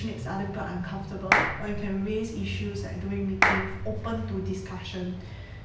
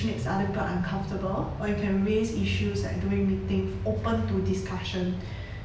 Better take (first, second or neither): second